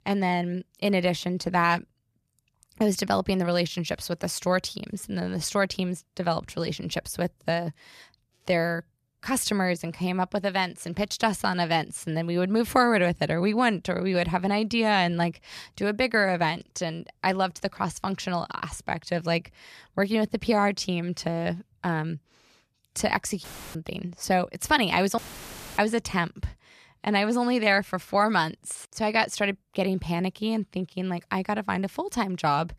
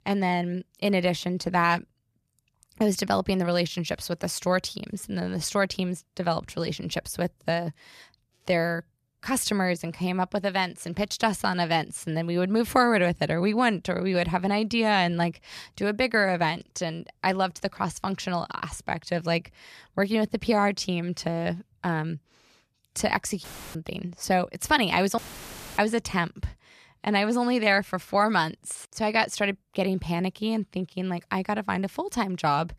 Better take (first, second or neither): neither